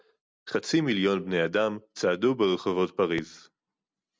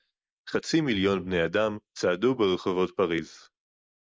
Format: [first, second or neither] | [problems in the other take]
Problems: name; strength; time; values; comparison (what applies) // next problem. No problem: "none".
first | noise reduction (neural mask model Resemble Enhance denoiser)